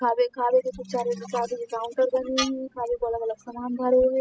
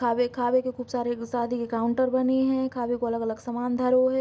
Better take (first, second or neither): second